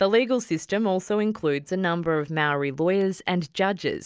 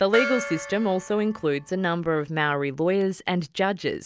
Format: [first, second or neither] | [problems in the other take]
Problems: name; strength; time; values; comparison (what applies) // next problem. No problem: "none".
first | background sound (Gong); 11 dB below the speech